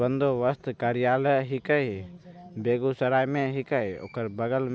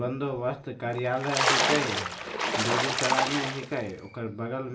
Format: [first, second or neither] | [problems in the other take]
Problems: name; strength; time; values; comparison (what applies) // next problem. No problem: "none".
first | background sound (Splash, splatter); 3 dB above the speech // room echo; dies away in 0.4 s